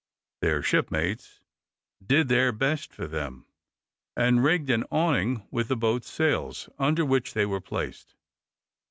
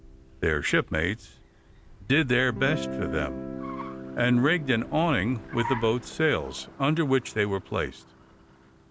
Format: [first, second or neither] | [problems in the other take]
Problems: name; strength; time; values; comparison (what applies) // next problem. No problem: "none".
first | background sound (Guitar + Car); 11 dB below the speech